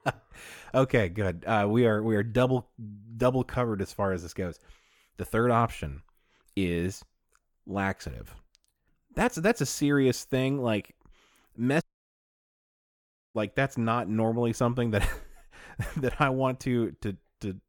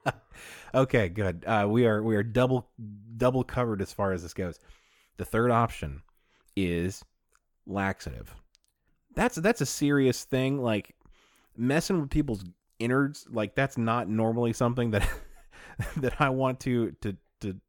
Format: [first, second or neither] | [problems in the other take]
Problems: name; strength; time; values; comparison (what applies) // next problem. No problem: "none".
second | audio cutting out; at 12 s for 1.5 s